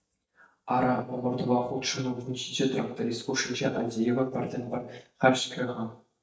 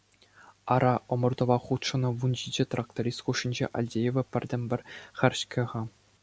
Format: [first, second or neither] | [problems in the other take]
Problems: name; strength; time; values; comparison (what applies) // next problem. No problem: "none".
second | noise reduction (neural mask model DeepFilterNet 3)